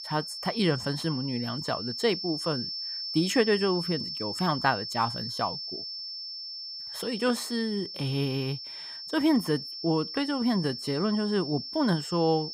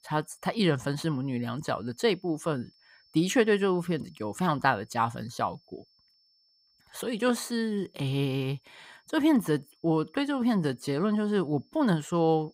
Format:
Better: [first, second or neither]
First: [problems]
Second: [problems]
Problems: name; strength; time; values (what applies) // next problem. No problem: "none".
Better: second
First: high-pitched whine; loud; throughout; 5.5 kHz, 6 dB below the speech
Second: high-pitched whine; faint; throughout; 5.5 kHz, 35 dB below the speech